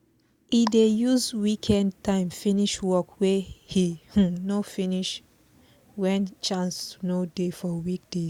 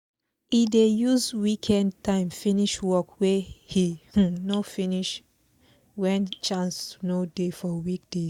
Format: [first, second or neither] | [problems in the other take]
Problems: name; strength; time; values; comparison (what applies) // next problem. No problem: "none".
first | noise reduction (neural mask model DeepFilterNet 3)